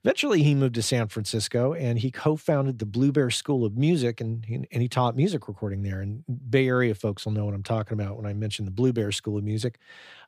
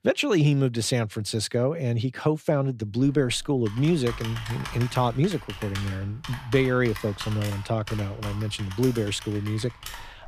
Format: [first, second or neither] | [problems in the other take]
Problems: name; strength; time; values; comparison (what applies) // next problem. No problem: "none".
first | keyboard typing; noticeable; from 3 s on; peak 9 dB below the speech